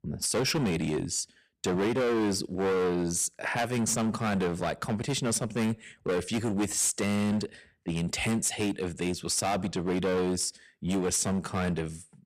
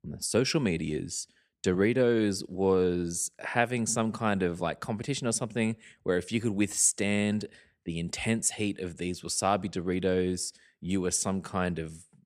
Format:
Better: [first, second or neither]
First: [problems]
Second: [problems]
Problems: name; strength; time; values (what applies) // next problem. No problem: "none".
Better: second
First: distortion; heavy; 18% of the sound clipped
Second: none